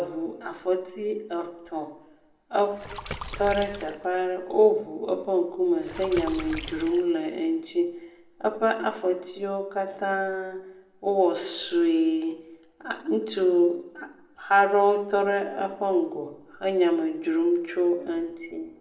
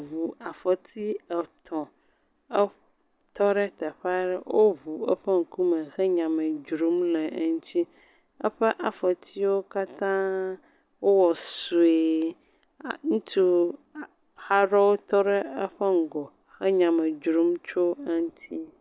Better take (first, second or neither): second